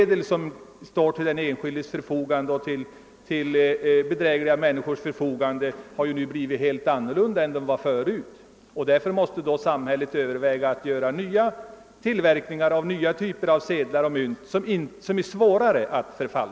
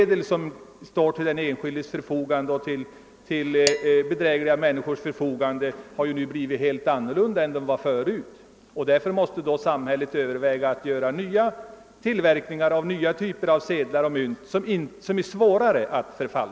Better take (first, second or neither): first